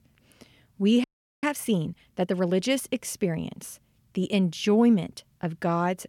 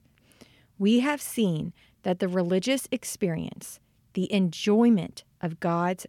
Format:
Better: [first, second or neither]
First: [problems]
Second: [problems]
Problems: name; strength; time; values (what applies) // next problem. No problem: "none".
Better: second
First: audio freezing; at 1 s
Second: none